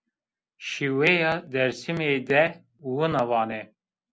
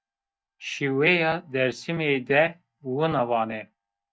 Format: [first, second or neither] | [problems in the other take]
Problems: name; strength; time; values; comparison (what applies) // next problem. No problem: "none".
first | noise reduction (neural mask model DeepFilterNet 3)